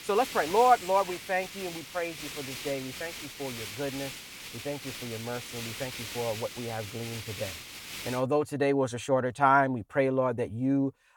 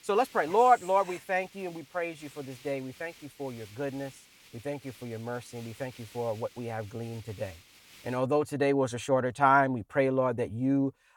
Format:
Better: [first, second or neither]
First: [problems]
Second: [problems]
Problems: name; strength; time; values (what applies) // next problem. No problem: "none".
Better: second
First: hiss; loud; until 8 s; 10 dB below the speech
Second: hiss; faint; until 8 s; 25 dB below the speech